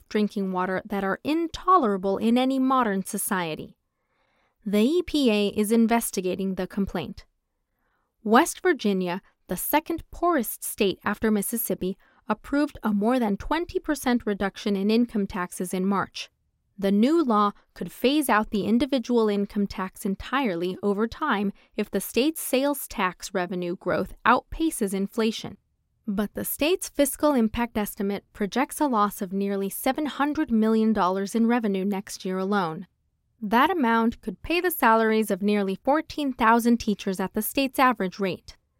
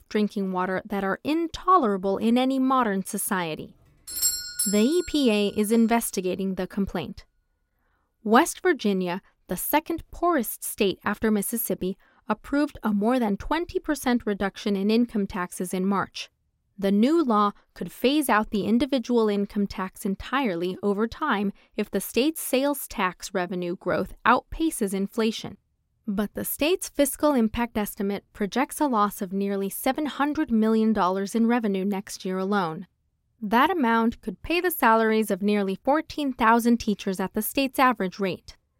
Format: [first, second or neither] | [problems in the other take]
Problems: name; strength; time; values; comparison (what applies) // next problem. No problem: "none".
first | doorbell; loud; at 4 s; peak 2 dB above the speech